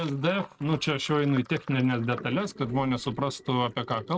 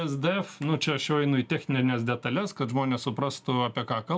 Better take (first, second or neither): second